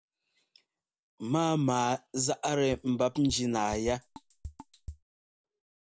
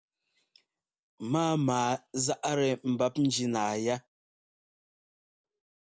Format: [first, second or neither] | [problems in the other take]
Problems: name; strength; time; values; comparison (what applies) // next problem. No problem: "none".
second | background sound (Drum kit); 14 dB below the speech